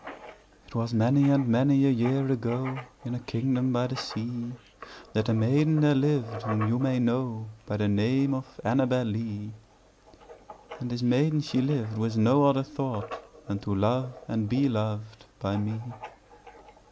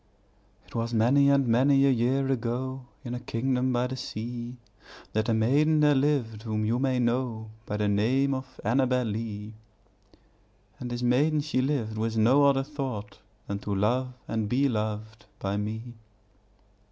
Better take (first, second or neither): second